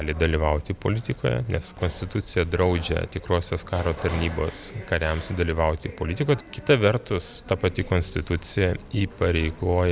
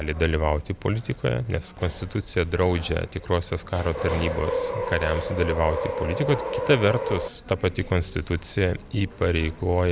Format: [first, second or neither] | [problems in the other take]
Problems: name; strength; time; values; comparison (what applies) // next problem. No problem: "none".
first | background sound (Subway, metro, underground); 4 dB below the speech